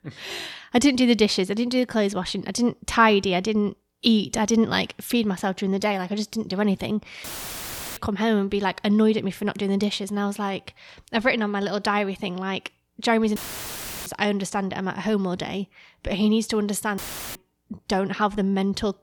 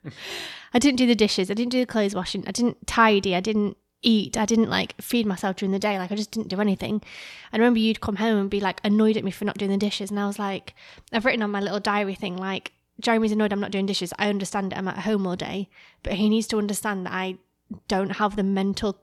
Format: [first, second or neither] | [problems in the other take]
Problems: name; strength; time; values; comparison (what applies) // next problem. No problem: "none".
second | audio cutting out; filled with static; at 7 s for 0.5 s, at 13 s for 0.5 s and at 17 s